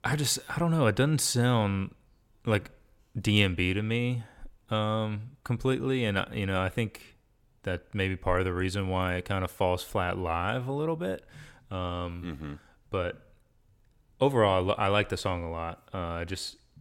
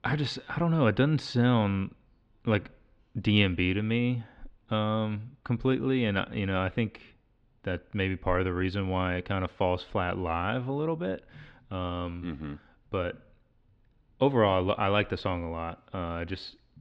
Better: first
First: none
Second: muffled; slightly; fading above 4 kHz

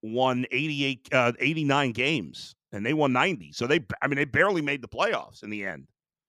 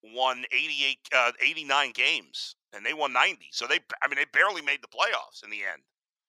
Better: first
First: none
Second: thin; very; fading below 900 Hz

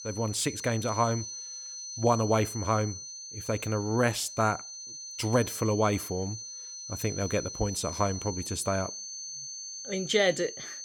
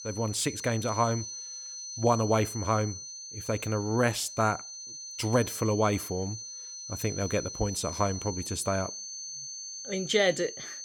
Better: neither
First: high-pitched whine; loud; throughout; 6 kHz, 8 dB below the speech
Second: high-pitched whine; loud; throughout; 6 kHz, 8 dB below the speech

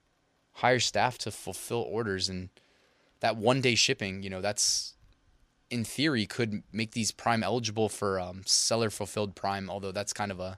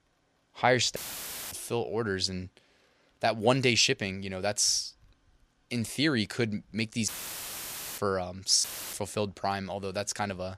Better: first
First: none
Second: audio cutting out; filled with static; at 1 s for 0.5 s, at 7 s for 1 s and at 8.5 s

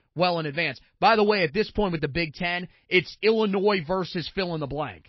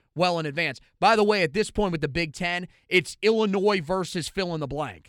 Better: second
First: garbled, watery; slightly; nothing above 5 kHz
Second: none

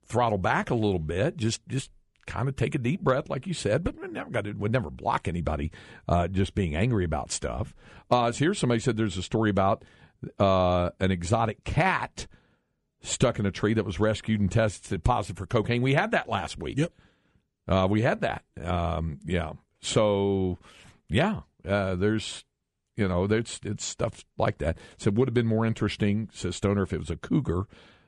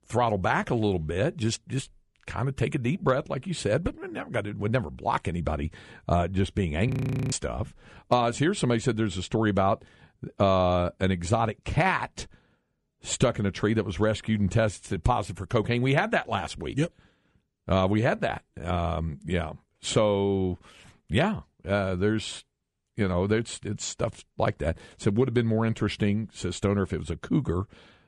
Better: first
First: none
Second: audio freezing; at 7 s

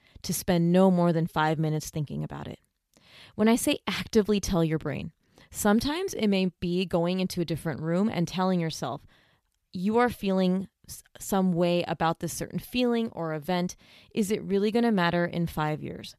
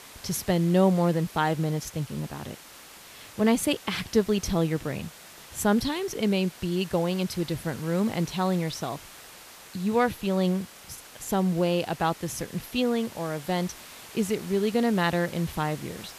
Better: first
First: none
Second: hiss; noticeable; throughout; 15 dB below the speech

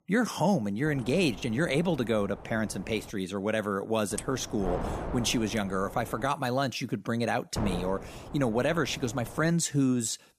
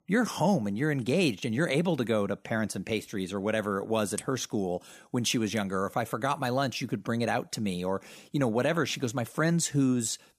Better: second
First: wind noise on the microphone; occasional gusts; from 1 to 3 s, from 4 to 6.5 s and from 7.5 to 9.5 s; 10 dB below the speech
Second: none

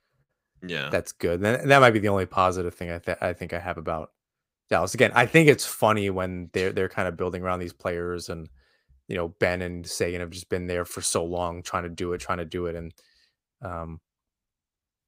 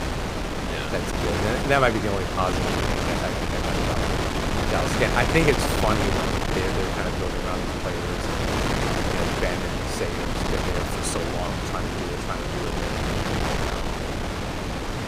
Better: first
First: none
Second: wind noise on the microphone; heavy; 1 dB above the speech

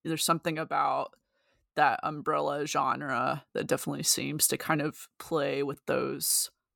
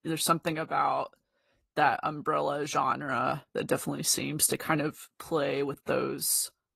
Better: first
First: none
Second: garbled, watery; slightly; nothing above 12 kHz

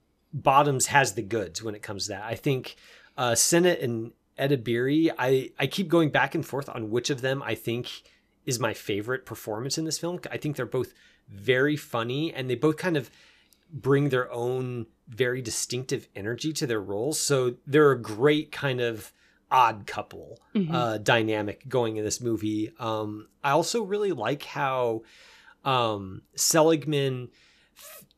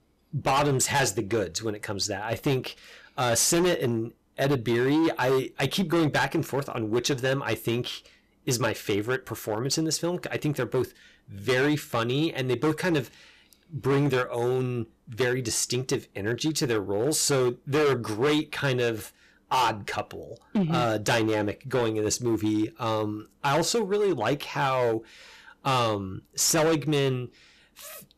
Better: first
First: none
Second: distortion; heavy; 11% of the sound clipped

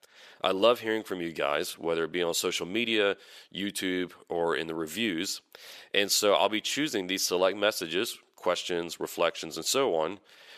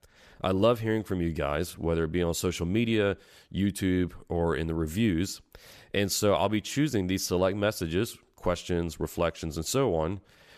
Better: second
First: thin; somewhat; fading below 400 Hz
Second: none

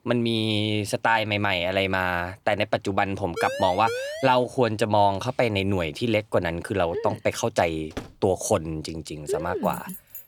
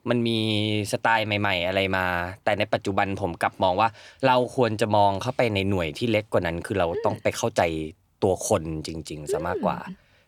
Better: second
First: siren; noticeable; from 3.5 to 4.5 s; peak 6 dB below the speech // door banging; faint; at 8 s; peak 15 dB below the speech // jangling keys; faint; at 9.5 s; peak 15 dB below the speech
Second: none

